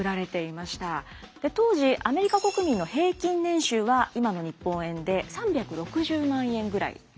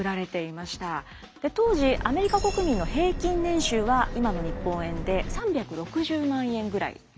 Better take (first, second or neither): first